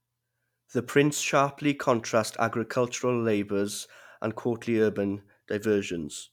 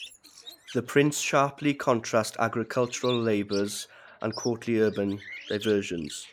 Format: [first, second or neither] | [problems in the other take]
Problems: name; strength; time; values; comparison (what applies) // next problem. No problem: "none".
first | noise reduction (neural mask model Resemble Enhance denoiser)